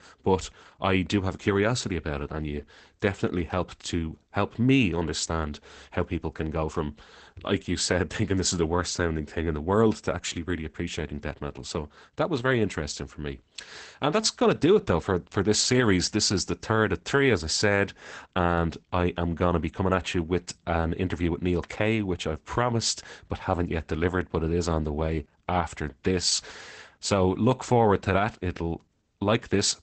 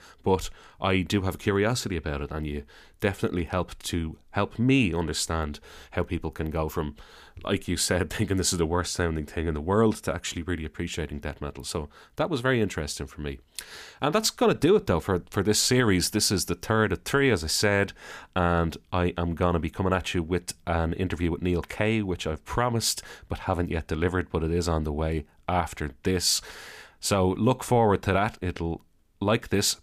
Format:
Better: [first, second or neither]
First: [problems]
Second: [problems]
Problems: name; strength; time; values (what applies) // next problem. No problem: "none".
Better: second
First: garbled, watery; badly; nothing above 8 kHz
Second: none